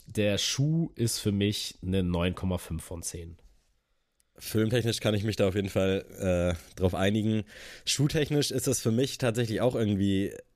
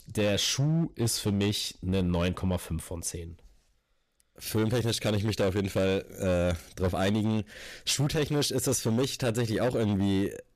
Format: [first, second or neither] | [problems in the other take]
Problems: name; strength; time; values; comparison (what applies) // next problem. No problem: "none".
first | distortion; slight; 11% of the sound clipped